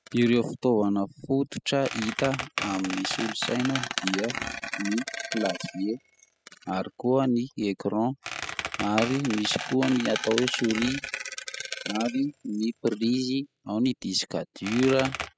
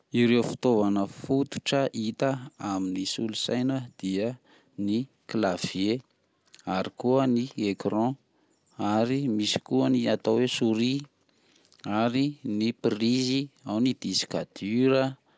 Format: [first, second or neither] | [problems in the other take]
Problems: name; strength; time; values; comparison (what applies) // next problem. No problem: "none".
second | noise reduction (classical method spectral subtraction)